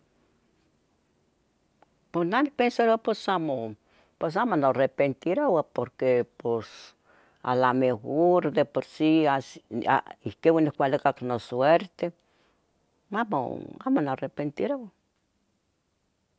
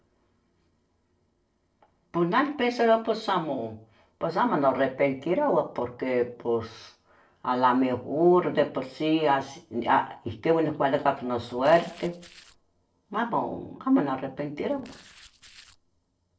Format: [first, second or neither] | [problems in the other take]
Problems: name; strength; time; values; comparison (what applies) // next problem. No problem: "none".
first | noise reduction (neural separator model SepFormer DNS4)